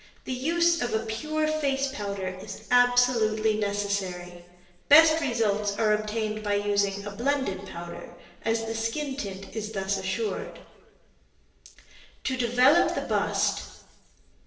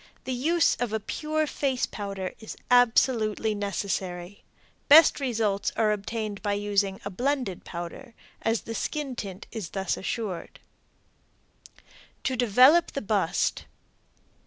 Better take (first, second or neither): second